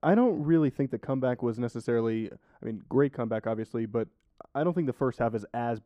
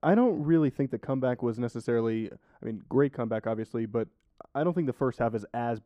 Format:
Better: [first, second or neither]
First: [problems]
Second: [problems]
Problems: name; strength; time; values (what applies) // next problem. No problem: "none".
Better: neither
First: muffled; very; fading above 2 kHz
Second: muffled; very; fading above 2 kHz